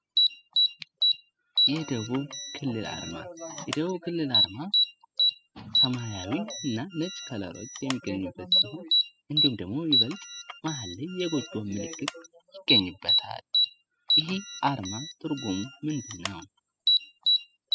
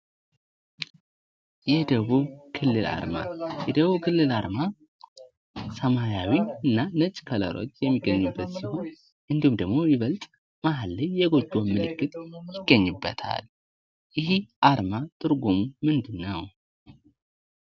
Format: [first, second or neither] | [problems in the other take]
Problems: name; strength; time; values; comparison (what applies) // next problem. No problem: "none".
second | noise reduction (classical method spectral subtraction)